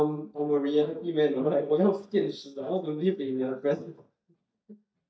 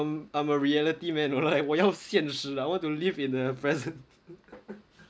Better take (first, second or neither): second